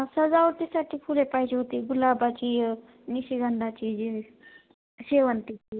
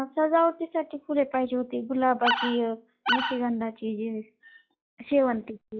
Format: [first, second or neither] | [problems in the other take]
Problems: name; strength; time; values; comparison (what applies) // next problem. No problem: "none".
first | noise reduction (classical method log-MMSE)